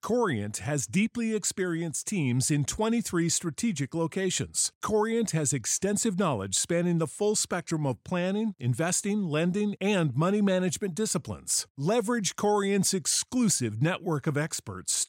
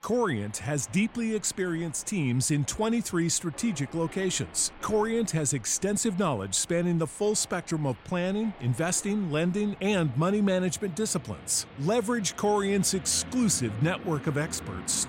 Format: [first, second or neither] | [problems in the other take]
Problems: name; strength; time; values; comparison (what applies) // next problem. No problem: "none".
first | rain or running water; noticeable; throughout; 20 dB below the speech